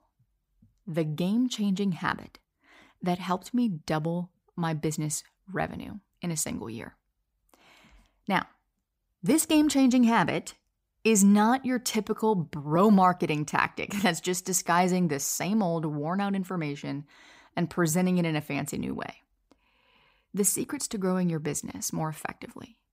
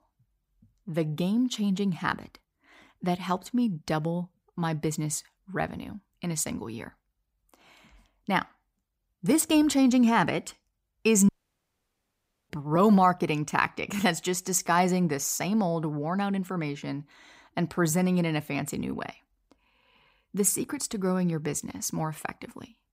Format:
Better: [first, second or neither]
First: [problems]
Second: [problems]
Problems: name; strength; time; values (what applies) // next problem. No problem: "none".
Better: first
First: none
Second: audio cutting out; at 11 s for 1 s